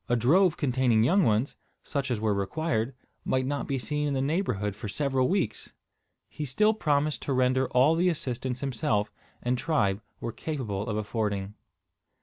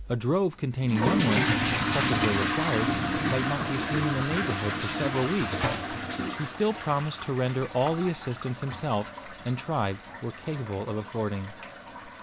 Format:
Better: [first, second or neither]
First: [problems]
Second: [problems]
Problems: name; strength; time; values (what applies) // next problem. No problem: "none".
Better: first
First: none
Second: background sound (Fill (with liquid) / Toilet flush); 1 dB below the speech